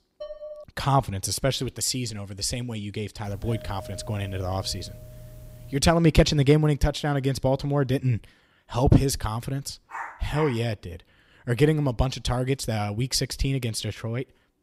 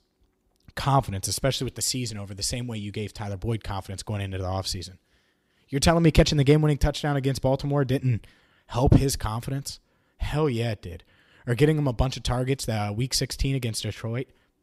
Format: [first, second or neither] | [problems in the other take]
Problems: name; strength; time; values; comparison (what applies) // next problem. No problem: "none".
second | clattering dishes; faint; at the start; peak 15 dB below the speech // doorbell; faint; from 3 to 6 s; peak 15 dB below the speech // dog barking; faint; at 10 s; peak 10 dB below the speech